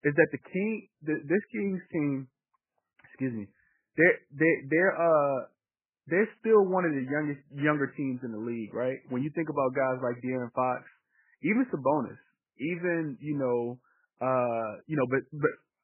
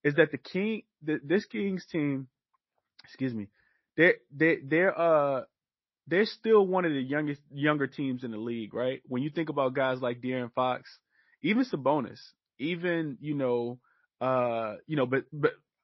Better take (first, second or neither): second